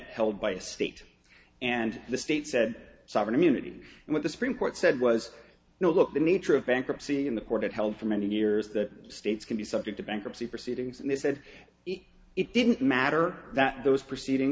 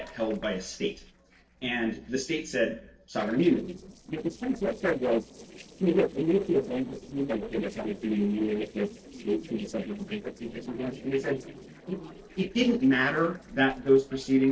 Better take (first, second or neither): first